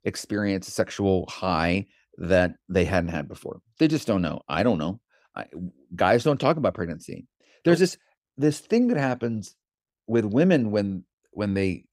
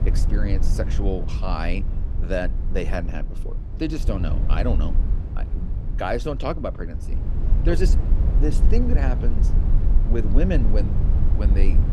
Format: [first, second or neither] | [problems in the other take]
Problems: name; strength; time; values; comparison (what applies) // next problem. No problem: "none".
first | low rumble; loud; throughout; 9 dB below the speech